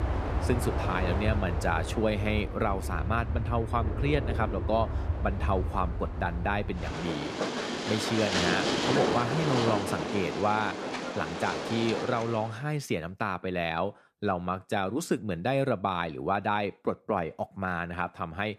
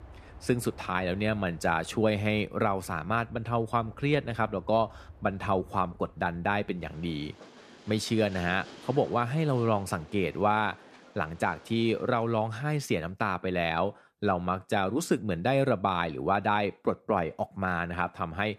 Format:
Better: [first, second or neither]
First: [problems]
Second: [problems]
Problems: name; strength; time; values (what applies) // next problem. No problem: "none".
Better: second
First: train or aircraft noise; loud; until 12 s; 1 dB below the speech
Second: train or aircraft noise; faint; until 12 s; 20 dB below the speech